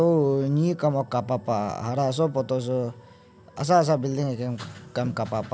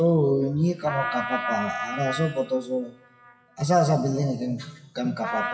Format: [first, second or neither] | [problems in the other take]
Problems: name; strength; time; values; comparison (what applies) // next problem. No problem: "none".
first | noise reduction (classical method WPE with log-MMSE)